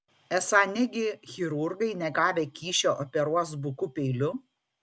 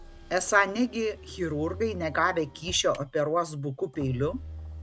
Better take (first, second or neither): first